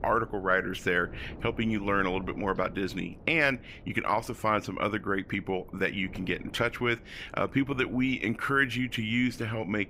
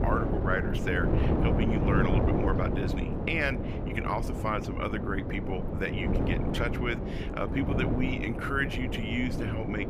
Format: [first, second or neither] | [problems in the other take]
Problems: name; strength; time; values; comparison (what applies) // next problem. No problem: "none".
first | wind noise on the microphone; heavy; 3 dB below the speech; occasional gusts in the first